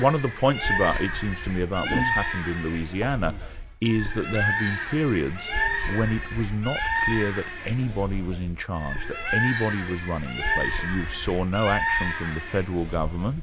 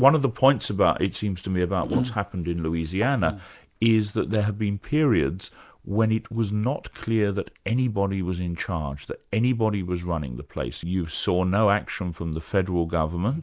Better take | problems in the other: second | background sound (Bird); 2 dB below the speech

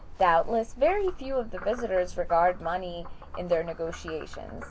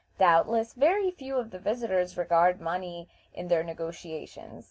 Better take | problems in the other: second | background sound (Frog); 10 dB below the speech

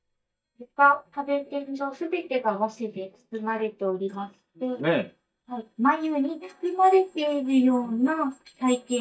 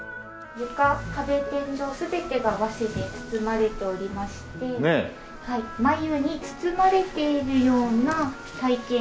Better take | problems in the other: second | noise reduction (neural mask model DeepFilterNet 3)

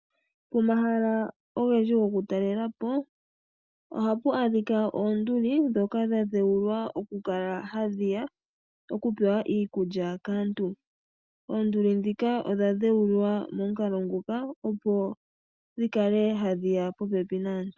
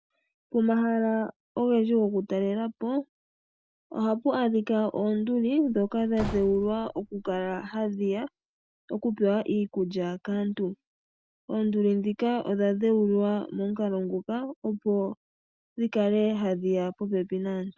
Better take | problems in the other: first | background sound (Slam / Wood); 14 dB below the speech

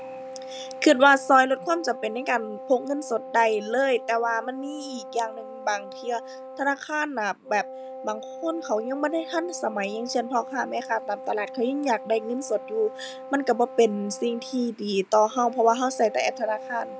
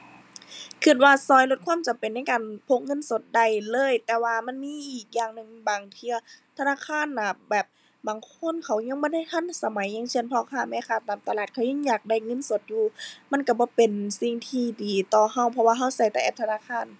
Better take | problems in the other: second | background sound (Wind instrument, woodwind instrument); 13 dB below the speech

